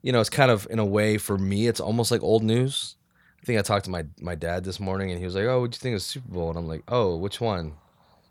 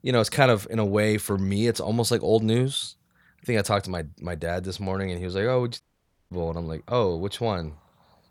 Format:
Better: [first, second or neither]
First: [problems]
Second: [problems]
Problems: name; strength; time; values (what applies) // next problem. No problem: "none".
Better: first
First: none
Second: audio cutting out; at 6 s for 0.5 s